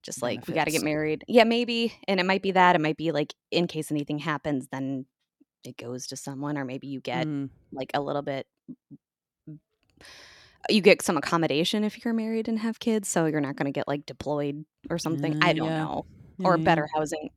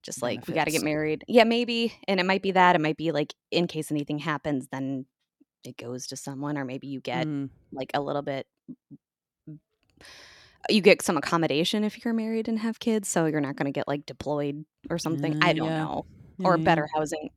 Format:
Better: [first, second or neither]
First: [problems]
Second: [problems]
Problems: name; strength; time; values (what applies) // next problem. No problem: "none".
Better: neither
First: none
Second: none